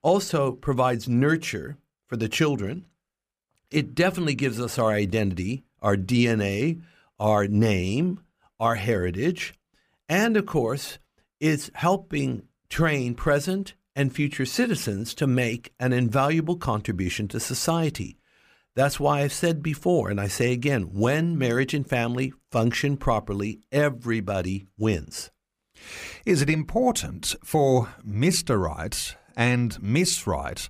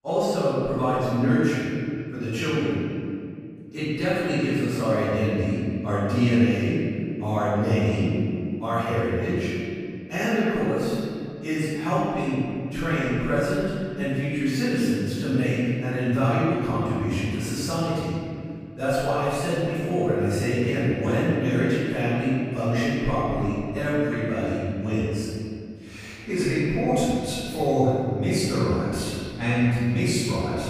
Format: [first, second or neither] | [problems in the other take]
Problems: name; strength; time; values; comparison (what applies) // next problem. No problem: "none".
first | room echo; strong; dies away in 2.3 s // off-mic speech; far